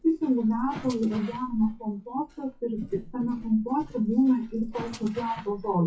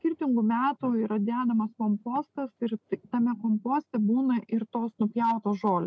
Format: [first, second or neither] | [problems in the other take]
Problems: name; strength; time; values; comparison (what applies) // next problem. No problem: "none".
second | noise reduction (classical method WPE with log-MMSE)